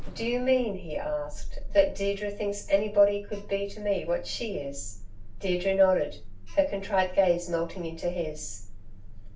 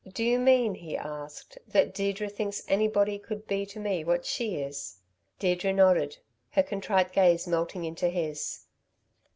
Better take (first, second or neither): second